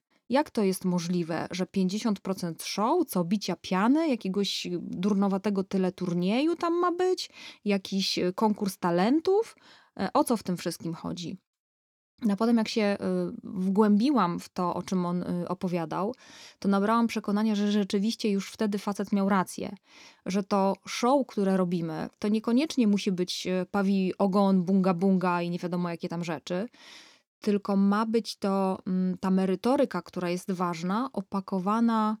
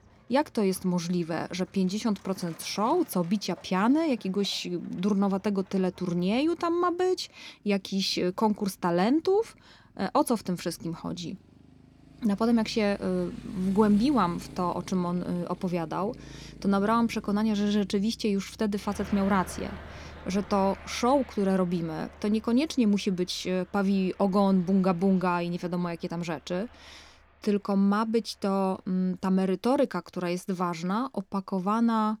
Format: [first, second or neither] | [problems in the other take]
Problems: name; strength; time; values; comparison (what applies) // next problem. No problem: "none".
first | traffic noise; faint; throughout; 20 dB below the speech